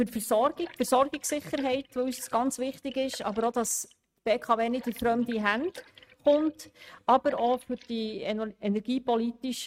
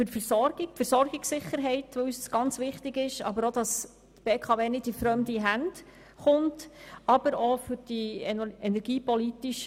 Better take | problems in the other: second | noise reduction (neural mask model RNNoise)

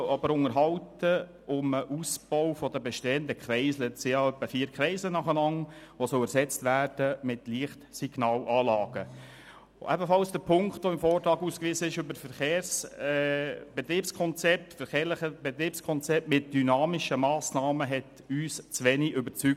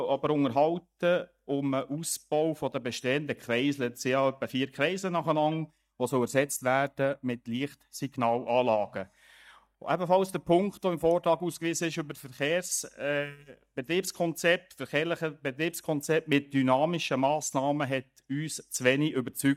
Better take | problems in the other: first | noise reduction (neural mask model DeepFilterNet 3)

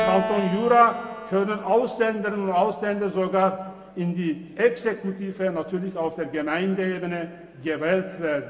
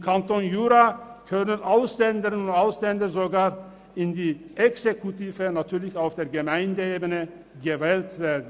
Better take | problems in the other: second | background sound (Keyboard (musical)); 12 dB below the speech // room echo; dies away in 1.1 s

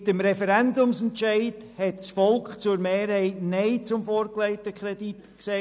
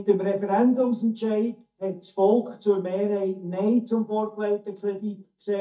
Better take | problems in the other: first | noise reduction (neural mask model DeepFilterNet 3)

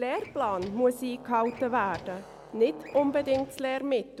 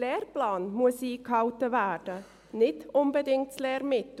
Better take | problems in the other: second | background sound (Brass instrument + Drawer open or close); 18 dB below the speech

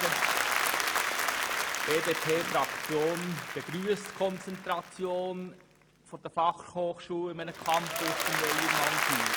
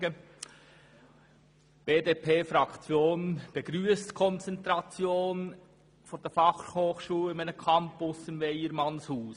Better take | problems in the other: second | background sound (Applause); 1 dB above the speech

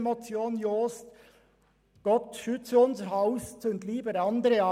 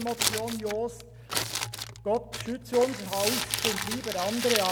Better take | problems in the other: first | background sound (Crumpling, crinkling); 2 dB below the speech

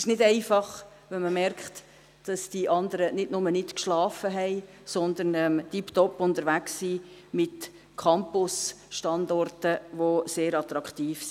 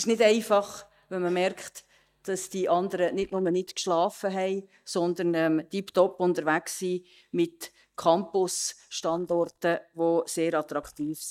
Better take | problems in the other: first | noise reduction (neural mask model DeepFilterNet 3)

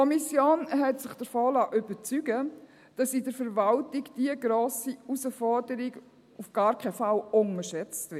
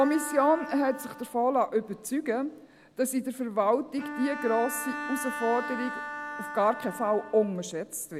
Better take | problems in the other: first | background sound (Bowed string instrument); 11 dB below the speech

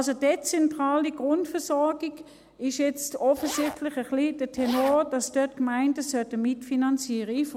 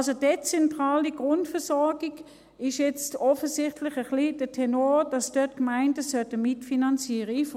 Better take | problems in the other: second | background sound (Zipper (clothing)); 13 dB below the speech

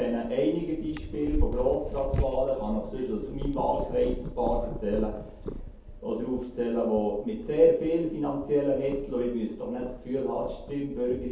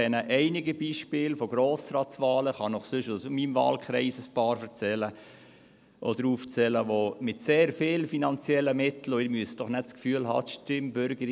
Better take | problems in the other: second | background sound (Purr); 7 dB below the speech // room echo; dies away in 0.7 s

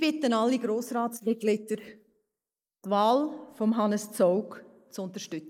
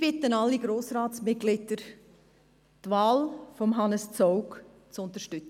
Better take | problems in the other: second | noise reduction (neural mask model Resemble Enhance denoiser)

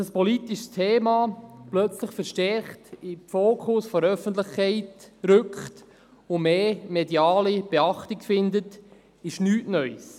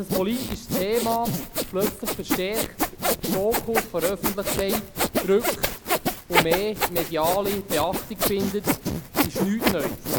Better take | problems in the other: first | background sound (Sawing); 1 dB above the speech

